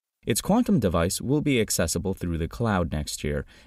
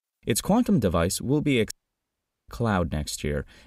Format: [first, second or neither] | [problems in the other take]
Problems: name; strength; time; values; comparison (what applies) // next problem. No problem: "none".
first | audio cutting out; at 1.5 s for 1 s